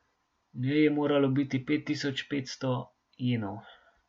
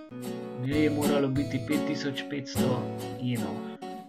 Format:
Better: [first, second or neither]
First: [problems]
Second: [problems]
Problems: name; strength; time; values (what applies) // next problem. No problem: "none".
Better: first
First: none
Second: background sound (Guitar); 2 dB below the speech